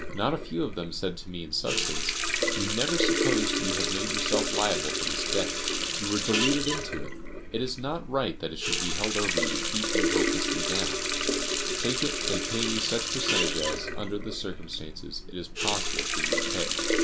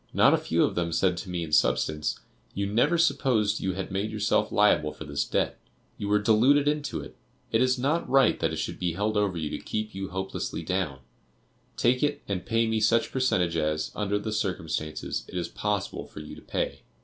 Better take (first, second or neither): second